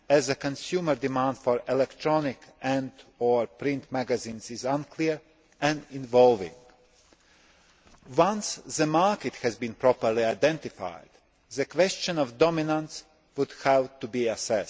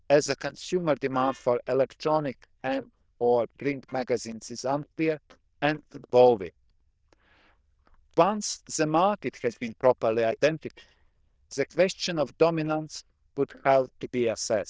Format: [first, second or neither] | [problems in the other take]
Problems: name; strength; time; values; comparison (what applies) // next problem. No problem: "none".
first | noise reduction (neural diffusion model UNIVERSE++)